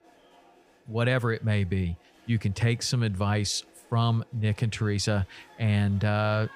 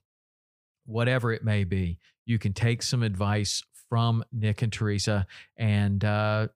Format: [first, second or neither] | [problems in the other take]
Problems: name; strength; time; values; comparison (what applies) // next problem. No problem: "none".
second | crowd noise; faint; throughout; 30 dB below the speech